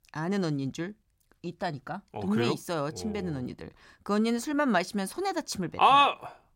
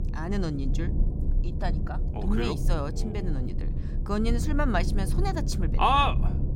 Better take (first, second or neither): first